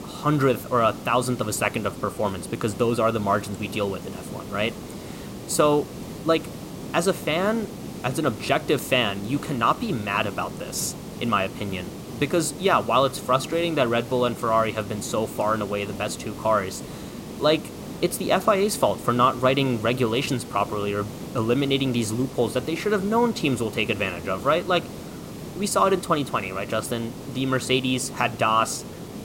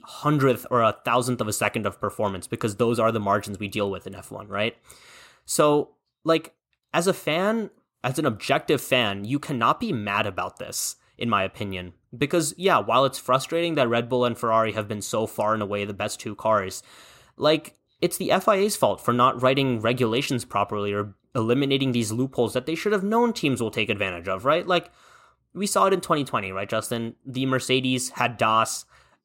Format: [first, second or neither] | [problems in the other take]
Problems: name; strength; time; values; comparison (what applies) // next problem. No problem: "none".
second | hiss; noticeable; throughout; 10 dB below the speech